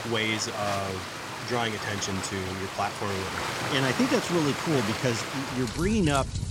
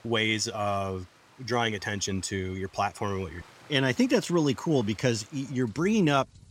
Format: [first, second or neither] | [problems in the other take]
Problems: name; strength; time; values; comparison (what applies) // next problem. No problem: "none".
second | rain or running water; loud; throughout; 4 dB below the speech; faint in the second